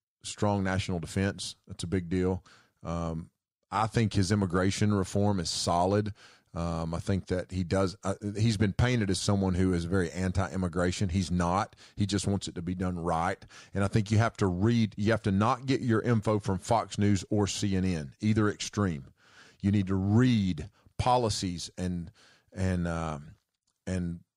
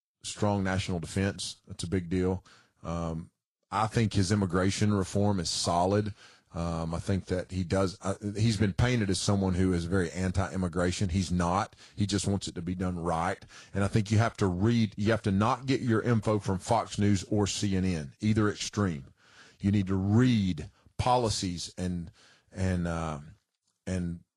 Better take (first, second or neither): first